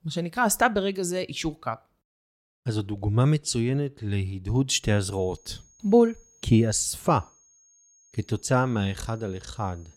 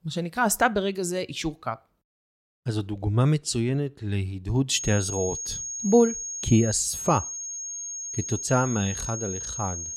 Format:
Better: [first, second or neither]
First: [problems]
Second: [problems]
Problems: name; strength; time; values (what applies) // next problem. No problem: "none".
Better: first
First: high-pitched whine; faint; from 4.5 s on; 6.5 kHz, 30 dB below the speech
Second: high-pitched whine; loud; from 4.5 s on; 6.5 kHz, 6 dB below the speech